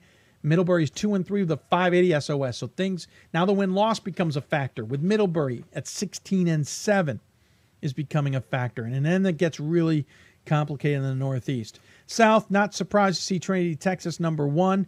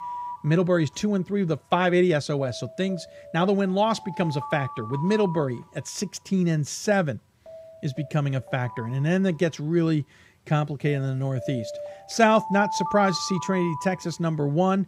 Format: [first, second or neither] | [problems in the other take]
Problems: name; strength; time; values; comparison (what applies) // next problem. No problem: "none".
first | alarms or sirens; noticeable; throughout; 10 dB below the speech